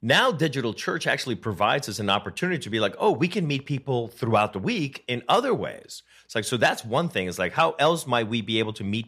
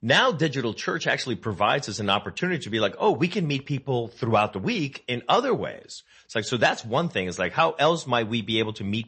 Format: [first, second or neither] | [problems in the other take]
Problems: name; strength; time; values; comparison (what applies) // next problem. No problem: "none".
first | garbled, watery; slightly; nothing above 8 kHz